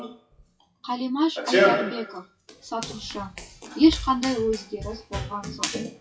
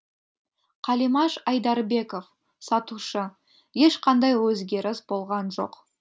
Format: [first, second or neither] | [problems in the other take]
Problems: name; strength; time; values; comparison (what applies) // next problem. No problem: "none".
second | noise reduction (classical method WPE with log-MMSE)